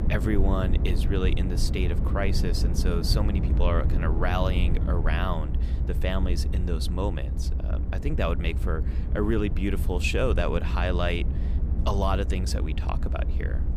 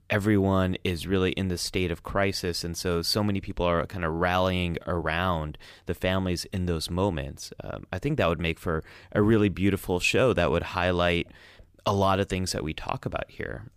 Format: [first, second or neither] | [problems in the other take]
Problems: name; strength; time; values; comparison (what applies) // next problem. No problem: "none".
second | low rumble; loud; throughout; 10 dB below the speech